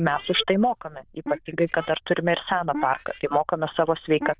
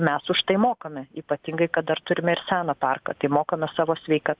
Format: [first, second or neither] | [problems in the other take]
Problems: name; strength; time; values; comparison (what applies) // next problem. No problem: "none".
second | noise reduction (neural diffusion model UNIVERSE++)